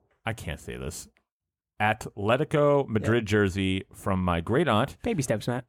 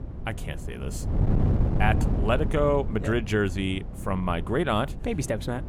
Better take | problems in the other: first | wind noise on the microphone; occasional gusts; 10 dB below the speech

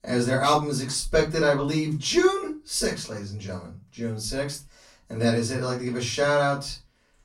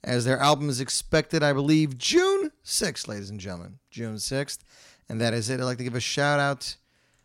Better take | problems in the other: second | off-mic speech; far // room echo; slight; dies away in 0.2 s

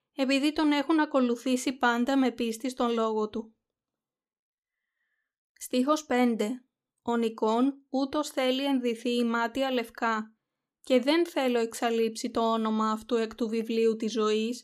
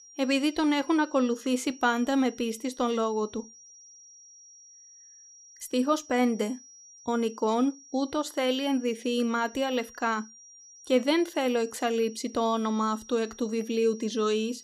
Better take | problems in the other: first | high-pitched whine; faint; throughout; 5.5 kHz, 20 dB below the speech

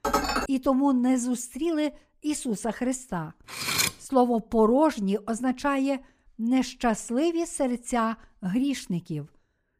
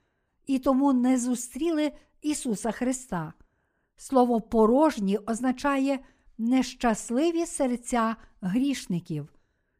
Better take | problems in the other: second | clattering dishes; loud; at the start and at 3.5 s; peak 2 dB above the speech

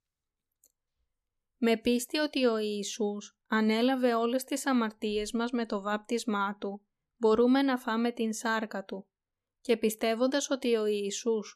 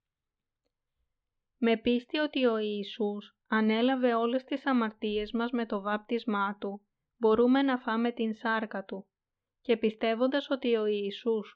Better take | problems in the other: first | muffled; slightly; fading above 3.5 kHz

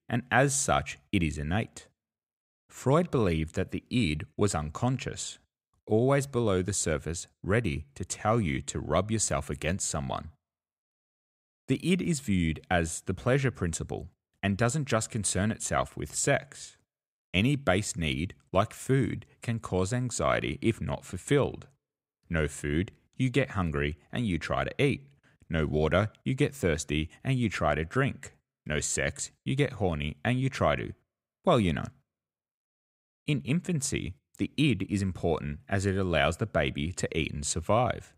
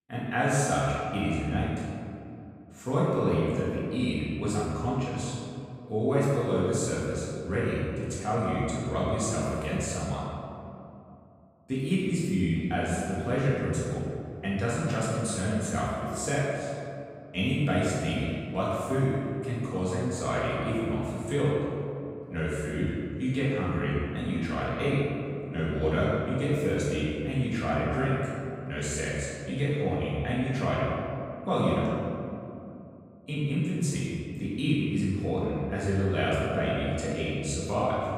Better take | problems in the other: first | off-mic speech; far // room echo; strong; dies away in 2.4 s

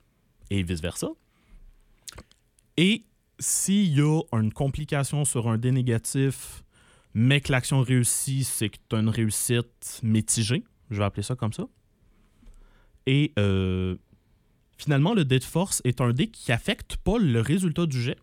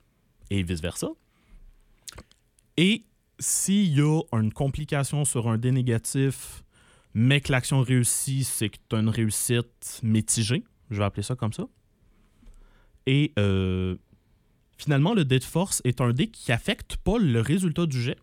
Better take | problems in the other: neither | none

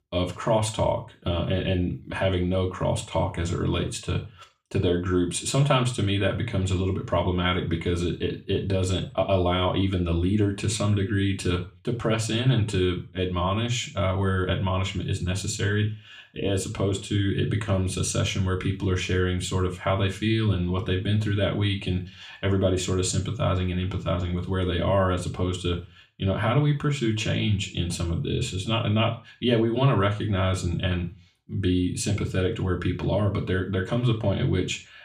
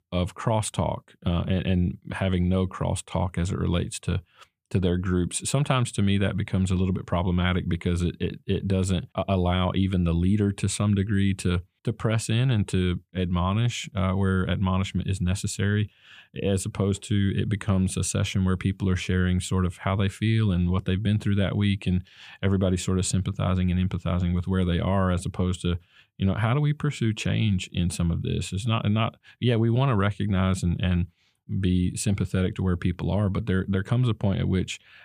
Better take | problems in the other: second | room echo; very slight; dies away in 0.3 s // off-mic speech; somewhat distant

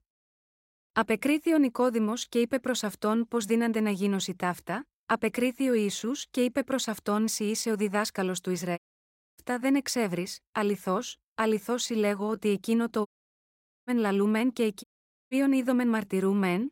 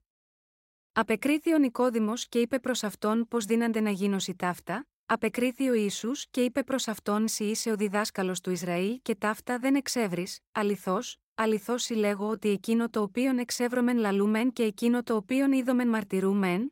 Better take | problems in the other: second | audio cutting out; at 9 s for 0.5 s, at 13 s for 1 s and at 15 s

